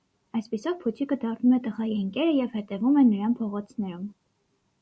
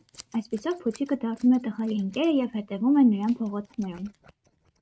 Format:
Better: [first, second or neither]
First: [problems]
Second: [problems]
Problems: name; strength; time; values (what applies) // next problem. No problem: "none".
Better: first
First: none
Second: noise reduction (neural mask model RNNoise)